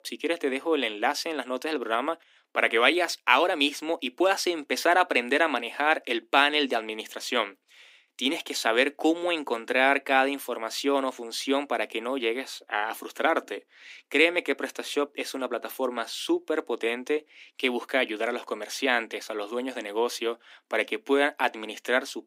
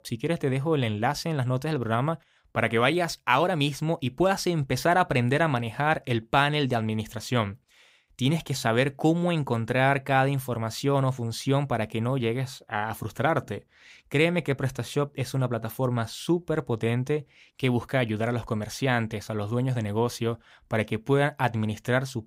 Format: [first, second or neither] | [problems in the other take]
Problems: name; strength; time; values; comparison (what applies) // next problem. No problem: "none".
second | thin; somewhat; fading below 250 Hz